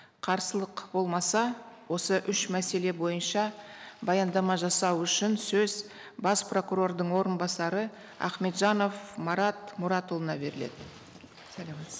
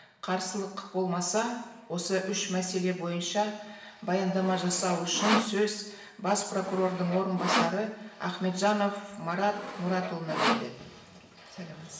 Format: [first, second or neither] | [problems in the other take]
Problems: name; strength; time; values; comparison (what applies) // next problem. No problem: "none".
first | background sound (Sawing); 3 dB below the speech // room echo; dies away in 0.8 s